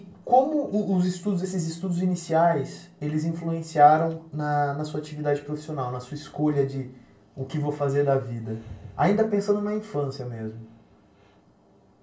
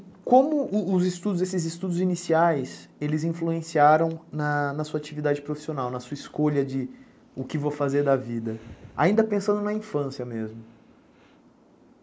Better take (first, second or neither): second